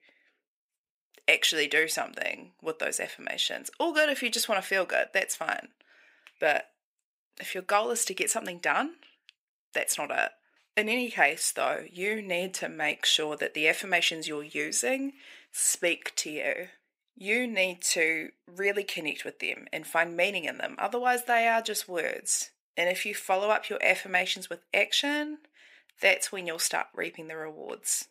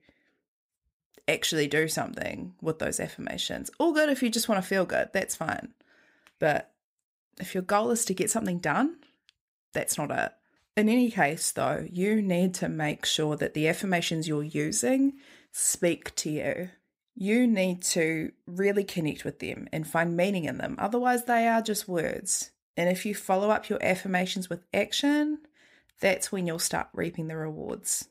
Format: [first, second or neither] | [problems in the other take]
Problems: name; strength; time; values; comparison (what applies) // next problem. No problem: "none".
second | thin; somewhat; fading below 450 Hz